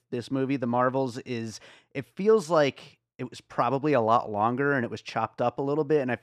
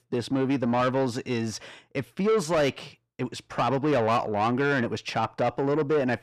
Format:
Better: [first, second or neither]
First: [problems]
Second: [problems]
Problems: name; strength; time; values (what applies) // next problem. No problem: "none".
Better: first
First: none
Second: distortion; heavy; 8 dB below the speech